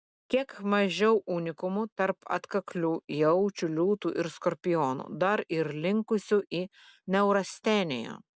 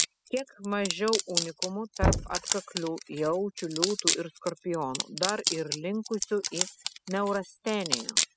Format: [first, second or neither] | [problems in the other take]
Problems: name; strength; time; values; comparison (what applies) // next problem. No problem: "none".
first | noise reduction (classical method spectral subtraction)